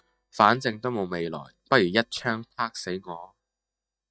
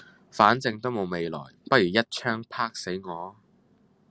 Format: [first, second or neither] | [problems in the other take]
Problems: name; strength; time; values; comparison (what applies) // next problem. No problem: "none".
second | noise reduction (neural mask model DeepFilterNet 3)